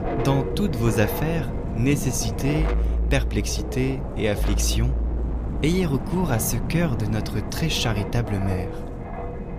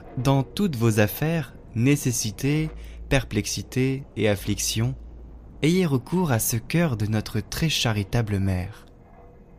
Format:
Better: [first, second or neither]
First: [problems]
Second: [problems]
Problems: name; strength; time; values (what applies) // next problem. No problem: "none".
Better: second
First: wind noise on the microphone; heavy; 5 dB below the speech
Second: wind noise on the microphone; occasional gusts; 25 dB below the speech